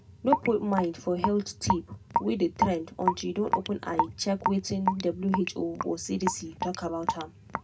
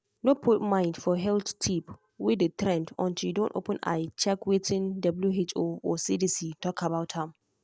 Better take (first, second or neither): second